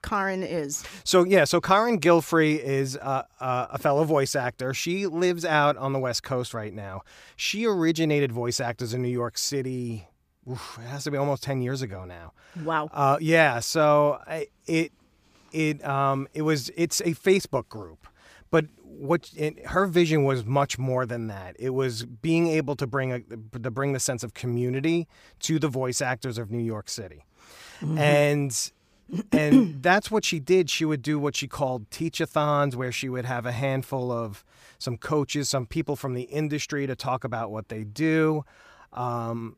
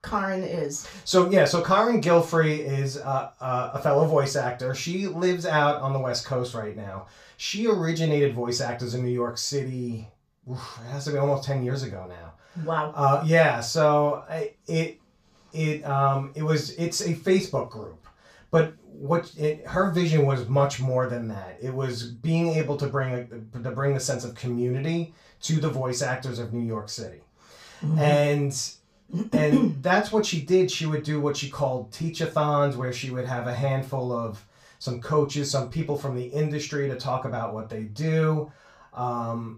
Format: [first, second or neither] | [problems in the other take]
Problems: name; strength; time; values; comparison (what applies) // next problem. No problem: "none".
first | room echo; slight; dies away in 0.3 s // off-mic speech; far